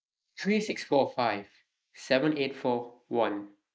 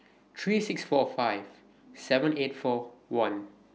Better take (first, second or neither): second